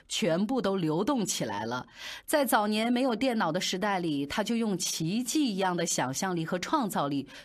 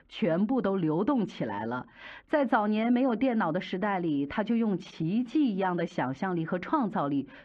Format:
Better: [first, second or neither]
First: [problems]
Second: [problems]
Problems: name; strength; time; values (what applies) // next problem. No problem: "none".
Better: first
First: none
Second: muffled; very; fading above 2.5 kHz